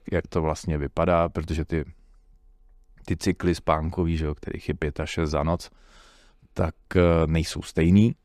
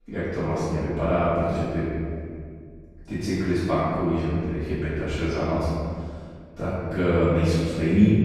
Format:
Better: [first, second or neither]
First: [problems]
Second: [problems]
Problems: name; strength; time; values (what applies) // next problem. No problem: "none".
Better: first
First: none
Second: room echo; strong; dies away in 2 s // off-mic speech; far